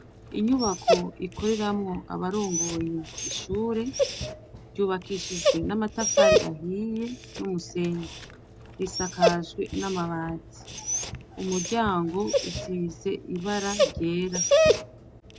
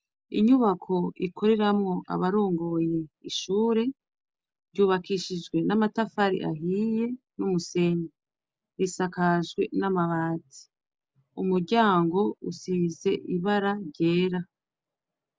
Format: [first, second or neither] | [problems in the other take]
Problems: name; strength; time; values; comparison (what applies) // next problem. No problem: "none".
second | background sound (Dog); 1 dB above the speech